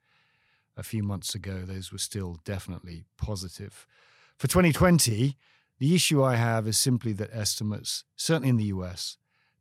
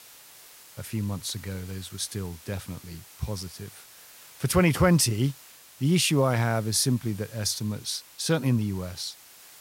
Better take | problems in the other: first | hiss; faint; throughout; 20 dB below the speech

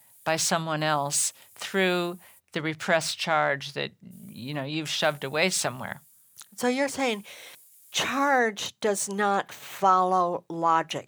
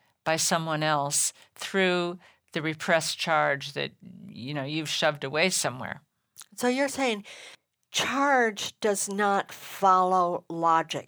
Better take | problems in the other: second | hiss; faint; until 2.5 s and from 4 to 8.5 s; 25 dB below the speech

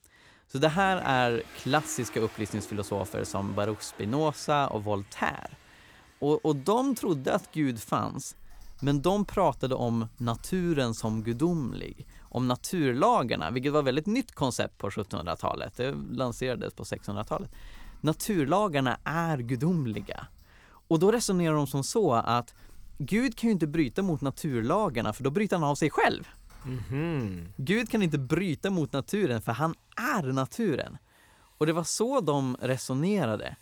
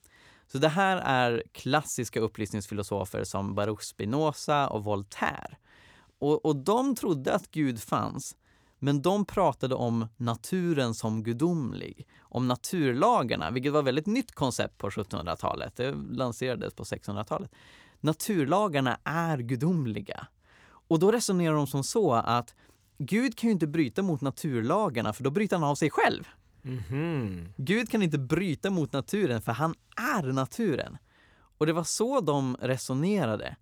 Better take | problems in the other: second | household noises; faint; throughout; 25 dB below the speech

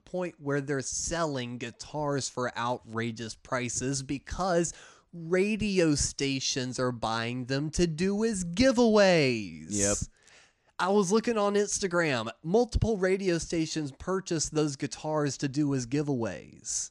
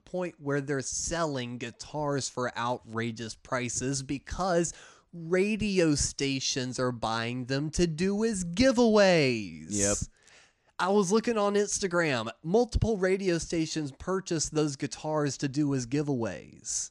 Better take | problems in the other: neither | none

